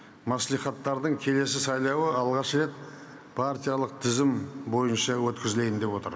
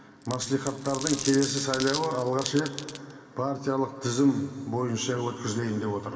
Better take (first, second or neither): first